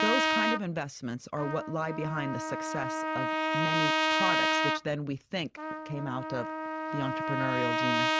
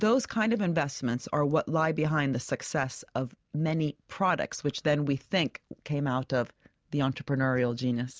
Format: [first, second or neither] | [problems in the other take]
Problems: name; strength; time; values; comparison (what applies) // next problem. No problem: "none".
second | background sound (Trumpet); 4 dB above the speech